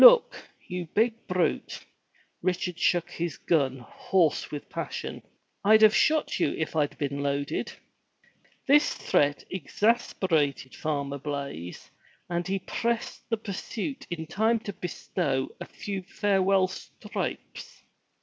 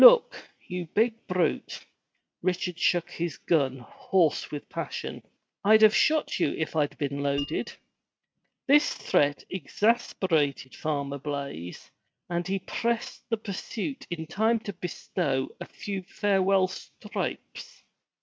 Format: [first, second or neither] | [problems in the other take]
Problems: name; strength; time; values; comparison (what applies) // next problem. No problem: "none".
first | noise reduction (neural mask model RNNoise)